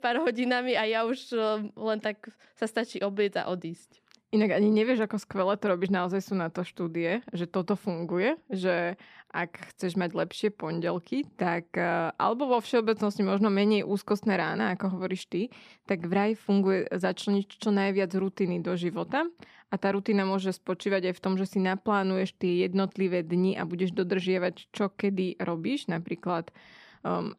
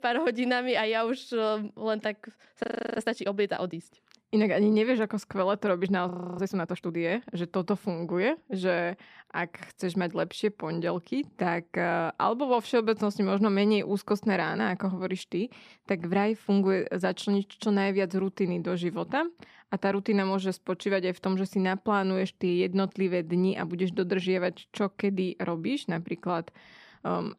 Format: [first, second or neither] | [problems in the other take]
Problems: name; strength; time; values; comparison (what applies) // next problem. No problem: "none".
first | audio freezing; at 2.5 s and at 6 s